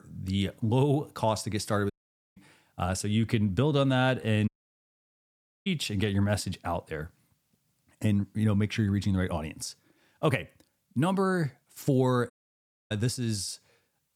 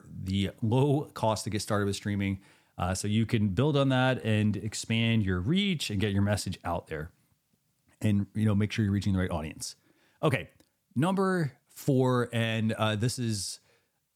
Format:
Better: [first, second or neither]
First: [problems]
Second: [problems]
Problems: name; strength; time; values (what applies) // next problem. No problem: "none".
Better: second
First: audio cutting out; at 2 s, at 4.5 s for 1 s and at 12 s for 0.5 s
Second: none